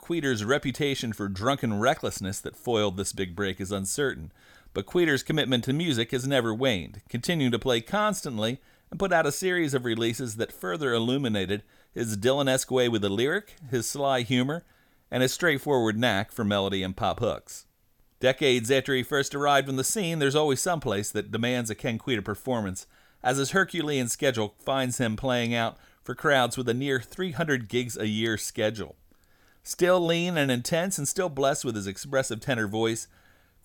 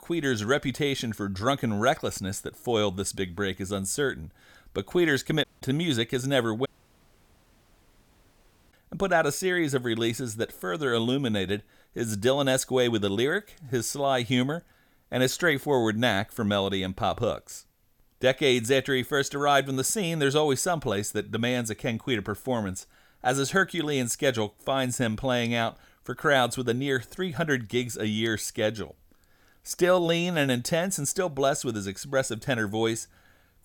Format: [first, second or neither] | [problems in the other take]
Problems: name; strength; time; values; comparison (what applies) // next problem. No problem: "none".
first | audio cutting out; at 5.5 s and at 6.5 s for 2 s